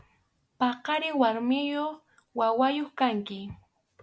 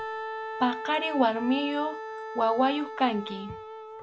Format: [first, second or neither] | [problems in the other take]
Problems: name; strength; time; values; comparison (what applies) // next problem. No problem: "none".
first | background sound (Wind instrument, woodwind instrument); 8 dB below the speech